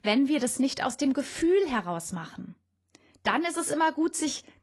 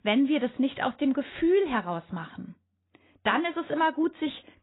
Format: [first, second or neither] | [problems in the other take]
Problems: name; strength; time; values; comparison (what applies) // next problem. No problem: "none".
first | garbled, watery; badly; nothing above 3.5 kHz; slightly in the first